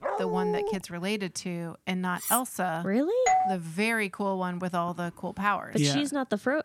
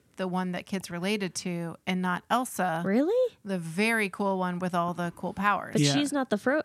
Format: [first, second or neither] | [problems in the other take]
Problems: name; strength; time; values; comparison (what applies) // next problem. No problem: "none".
second | dog barking; noticeable; at the start; peak level with the speech // clattering dishes; loud; at 2 s; peak level with the speech // doorbell; loud; at 3.5 s; peak 5 dB above the speech